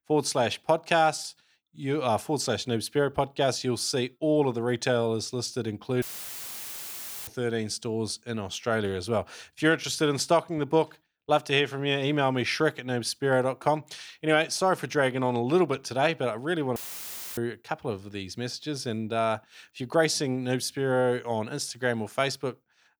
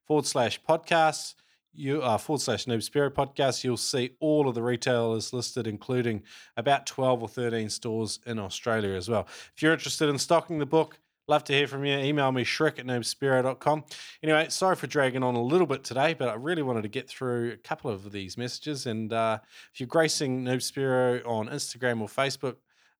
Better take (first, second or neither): second